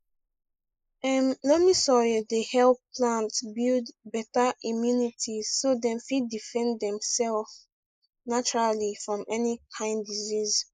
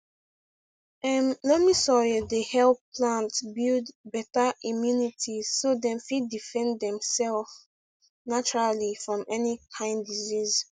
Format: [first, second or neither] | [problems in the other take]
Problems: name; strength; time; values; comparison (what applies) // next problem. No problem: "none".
second | noise reduction (neural mask model Resemble Enhance denoiser)